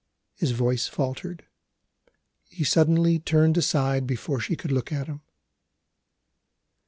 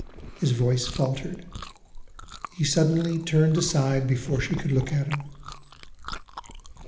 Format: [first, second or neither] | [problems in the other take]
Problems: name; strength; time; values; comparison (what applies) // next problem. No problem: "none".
first | background sound (Chewing, mastication); 13 dB below the speech // room echo; dies away in 0.8 s